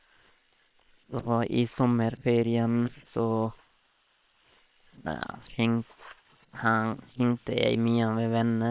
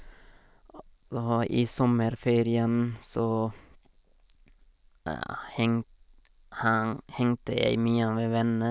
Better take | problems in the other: second | noise reduction (neural separator model SepFormer WHAM!)

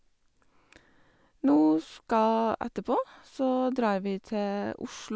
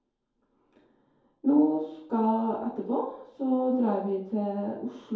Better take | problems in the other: first | room echo; dies away in 2.2 s

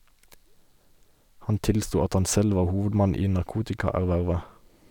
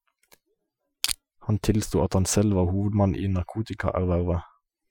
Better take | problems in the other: first | noise reduction (classical method Wiener filter)

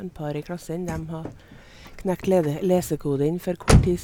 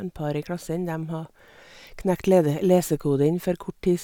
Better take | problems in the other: second | background sound (Slam / Car); 1 dB below the speech

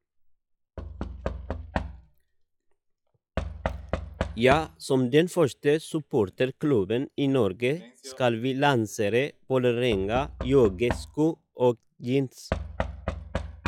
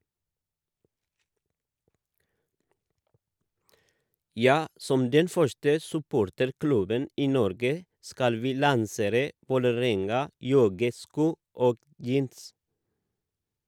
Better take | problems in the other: second | noise reduction (classical method log-MMSE)

